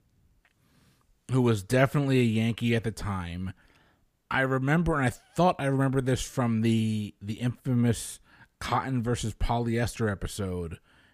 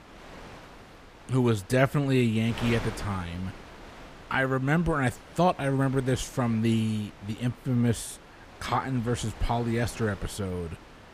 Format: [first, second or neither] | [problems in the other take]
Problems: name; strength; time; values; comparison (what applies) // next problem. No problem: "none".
first | wind noise on the microphone; occasional gusts; 15 dB below the speech